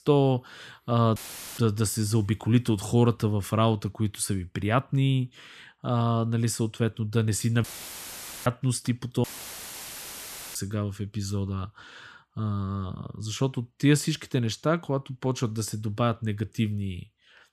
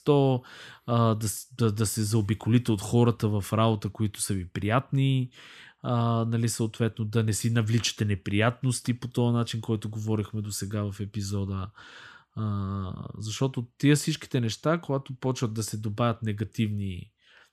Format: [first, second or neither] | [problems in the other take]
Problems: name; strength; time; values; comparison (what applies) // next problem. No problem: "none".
second | audio cutting out; filled with static; at 1 s, at 7.5 s for 1 s and at 9 s for 1.5 s